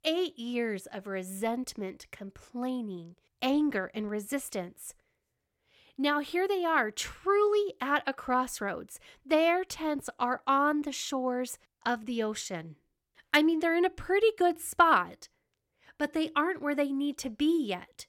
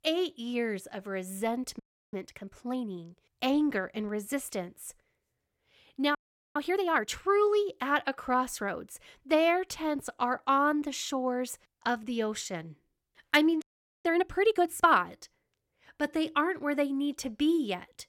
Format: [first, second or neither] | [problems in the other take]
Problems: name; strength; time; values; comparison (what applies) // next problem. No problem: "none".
first | audio freezing; at 2 s, at 6 s and at 14 s